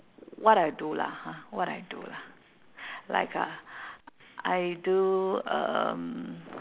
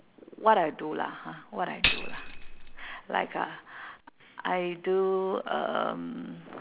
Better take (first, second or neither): first